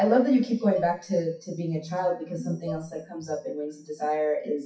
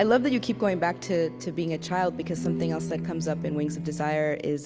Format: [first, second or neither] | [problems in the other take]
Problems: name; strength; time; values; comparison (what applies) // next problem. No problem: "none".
second | noise reduction (classical method WPE with log-MMSE)